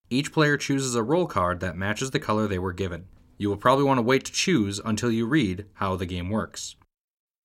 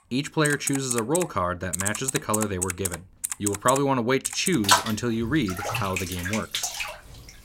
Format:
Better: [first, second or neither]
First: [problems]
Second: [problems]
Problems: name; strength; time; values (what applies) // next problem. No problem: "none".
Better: first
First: none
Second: household noises; loud; throughout; 2 dB below the speech